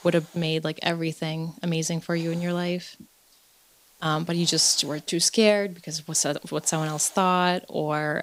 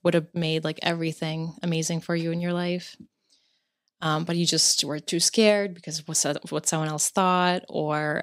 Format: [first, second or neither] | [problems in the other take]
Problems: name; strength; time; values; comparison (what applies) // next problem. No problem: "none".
second | hiss; faint; throughout; 25 dB below the speech